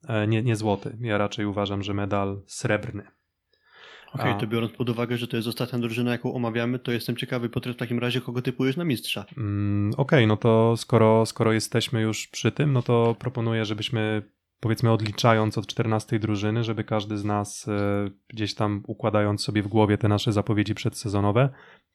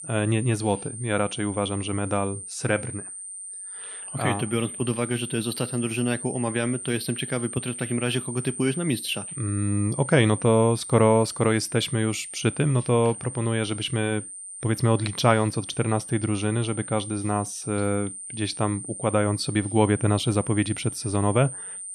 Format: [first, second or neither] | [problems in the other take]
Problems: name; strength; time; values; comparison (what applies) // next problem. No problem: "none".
first | high-pitched whine; loud; throughout; 9 kHz, 9 dB below the speech